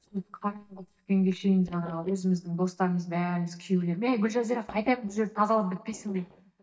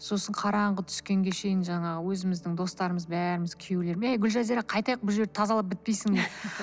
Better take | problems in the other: second | noise reduction (neural mask model DeepFilterNet 3)

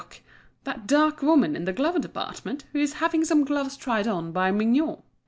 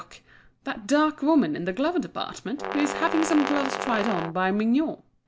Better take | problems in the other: first | background sound (Brass instrument); 5 dB below the speech

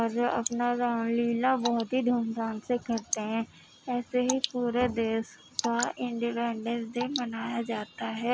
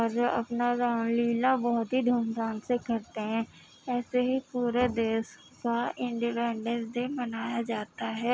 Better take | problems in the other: second | background sound (Drip / Water); 12 dB below the speech

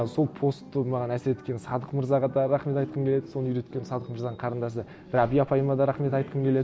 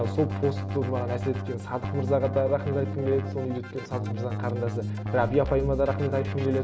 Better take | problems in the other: first | background sound (Keyboard (musical)); 3 dB below the speech // room echo; dies away in 0.4 s

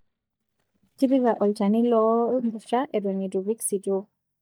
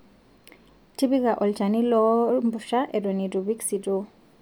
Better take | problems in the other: second | noise reduction (neural mask model DeepFilterNet 3)

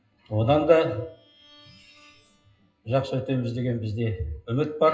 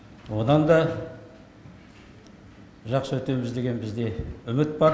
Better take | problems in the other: second | noise reduction (classical method WPE with log-MMSE)

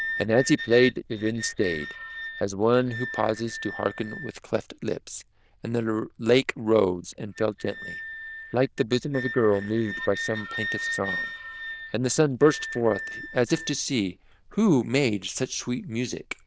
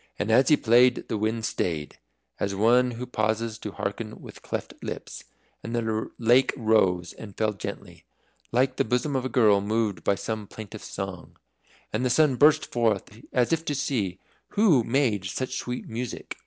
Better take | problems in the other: second | noise reduction (neural diffusion model UNIVERSE++)

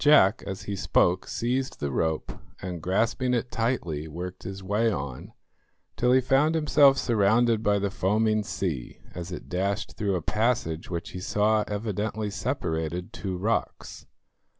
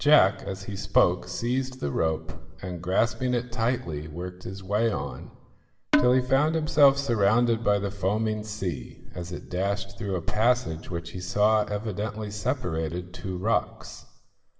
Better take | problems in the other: first | background sound (Percussion); 2 dB below the speech // room echo; dies away in 1 s

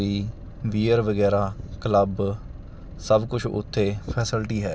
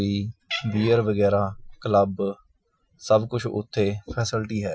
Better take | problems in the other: first | noise reduction (classical method Wiener filter)

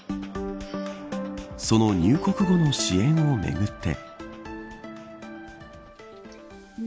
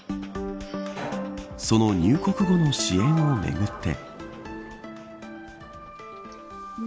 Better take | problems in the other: first | background sound (Sliding door); 16 dB below the speech

